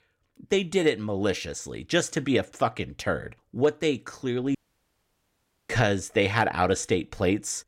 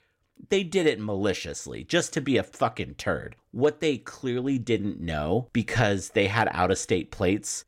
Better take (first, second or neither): second